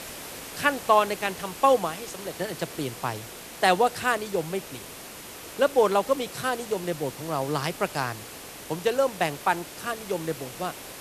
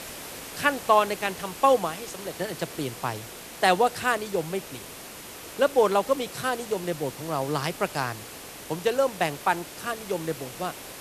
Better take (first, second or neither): neither